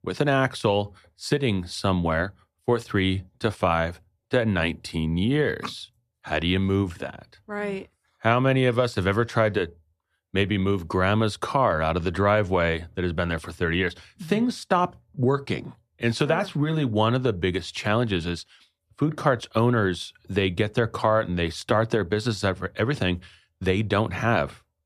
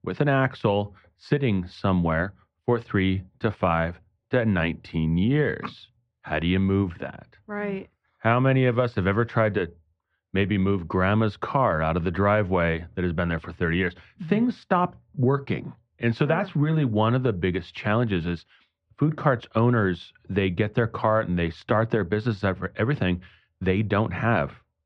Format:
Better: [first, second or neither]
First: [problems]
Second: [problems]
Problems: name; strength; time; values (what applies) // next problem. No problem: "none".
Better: first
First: none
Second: muffled; slightly; fading above 2.5 kHz